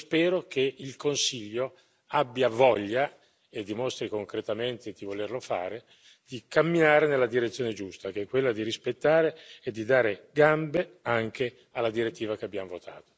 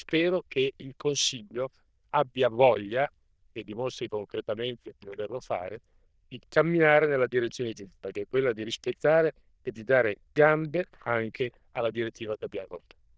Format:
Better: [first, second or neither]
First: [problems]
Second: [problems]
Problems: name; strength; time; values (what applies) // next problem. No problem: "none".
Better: first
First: none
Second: noise reduction (neural diffusion model UNIVERSE++)